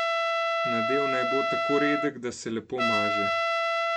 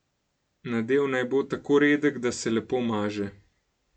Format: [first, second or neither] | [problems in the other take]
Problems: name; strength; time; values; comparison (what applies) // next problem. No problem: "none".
second | background sound (Trumpet); 5 dB above the speech